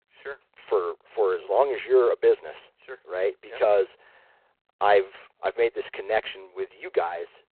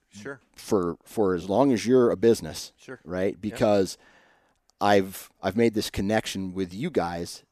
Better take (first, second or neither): second